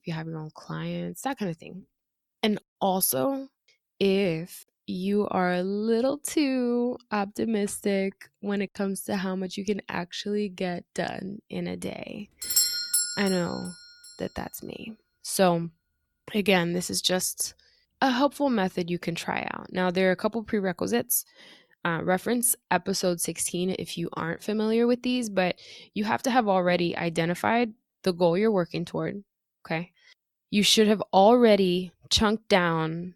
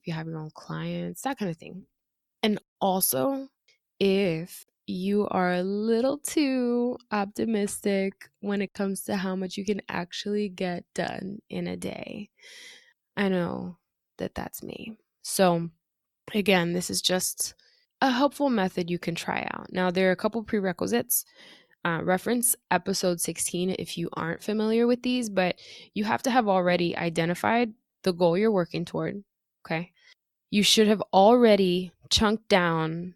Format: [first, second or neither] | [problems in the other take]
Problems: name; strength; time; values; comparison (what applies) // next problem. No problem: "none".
second | doorbell; loud; at 12 s; peak 4 dB above the speech